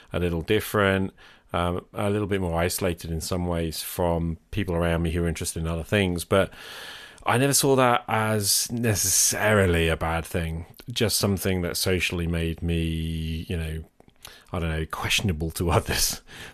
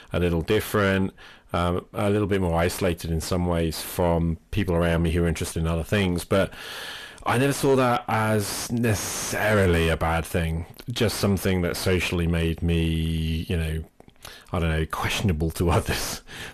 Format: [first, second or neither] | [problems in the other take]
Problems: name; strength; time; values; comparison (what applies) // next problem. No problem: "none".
first | distortion; heavy; 7 dB below the speech